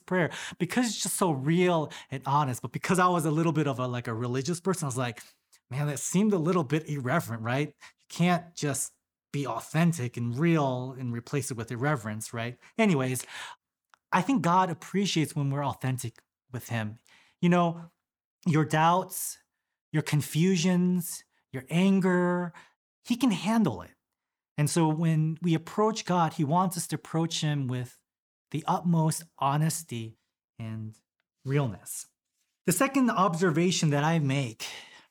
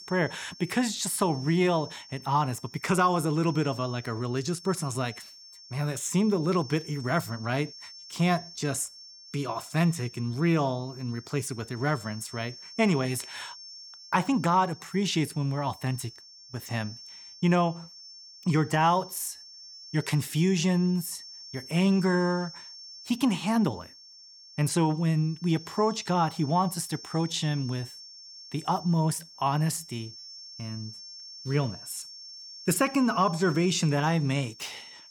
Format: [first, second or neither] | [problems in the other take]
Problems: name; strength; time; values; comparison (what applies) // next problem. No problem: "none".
first | high-pitched whine; noticeable; throughout; 5.5 kHz, 15 dB below the speech